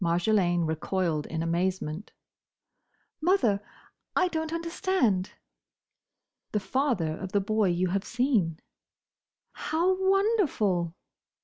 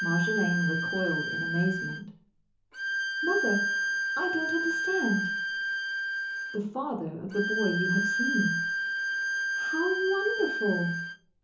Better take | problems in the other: first | background sound (Bowed string instrument); 1 dB above the speech // room echo; dies away in 0.8 s

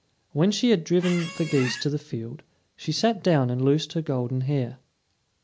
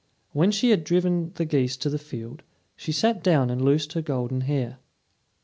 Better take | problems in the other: second | background sound (Squeak); 10 dB below the speech

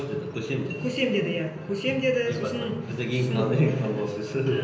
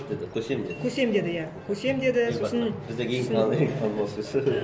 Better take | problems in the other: second | room echo; dies away in 0.8 s

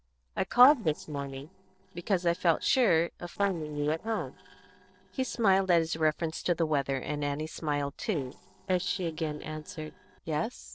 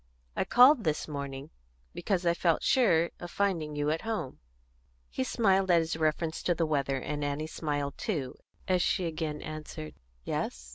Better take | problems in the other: second | noise reduction (neural separator model SepFormer DNS4)

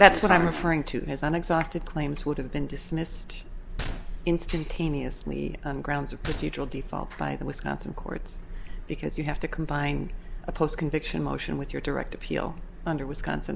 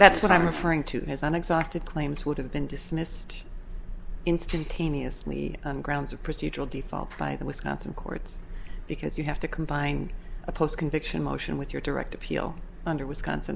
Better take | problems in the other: second | background sound (Gunshot, gunfire); 15 dB below the speech

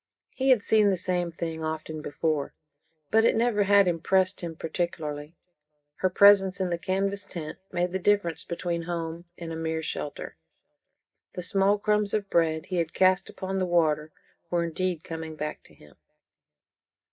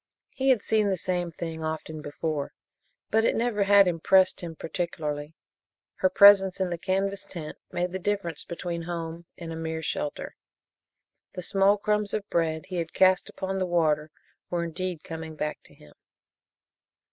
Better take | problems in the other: second | room echo; dies away in 0.3 s

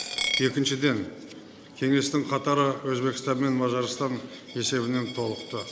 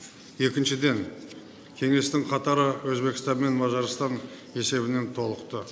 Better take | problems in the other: second | background sound (Coin (dropping)); 11 dB below the speech

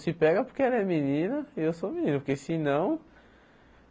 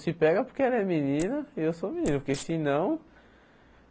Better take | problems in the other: first | background sound (Wild animals); 15 dB below the speech

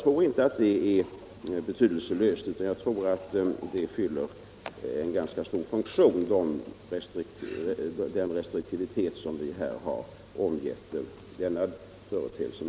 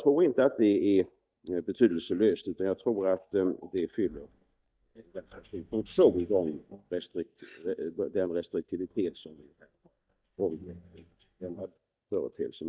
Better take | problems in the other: first | noise reduction (neural mask model DeepFilterNet 3)

